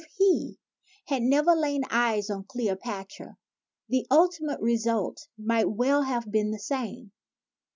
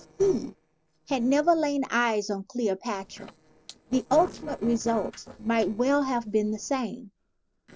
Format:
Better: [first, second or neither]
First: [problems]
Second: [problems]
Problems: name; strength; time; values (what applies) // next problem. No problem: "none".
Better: first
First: none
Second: noise reduction (neural separator model SepFormer DNS4)